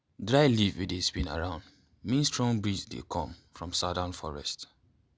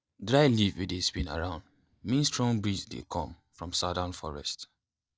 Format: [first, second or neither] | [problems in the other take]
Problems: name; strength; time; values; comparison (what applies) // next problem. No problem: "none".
first | noise reduction (neural mask model DeepFilterNet 3)